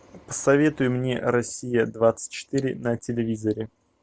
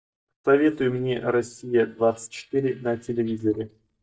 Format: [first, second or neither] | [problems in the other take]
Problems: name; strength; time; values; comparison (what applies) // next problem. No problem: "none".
first | noise reduction (neural mask model DeepFilterNet 3)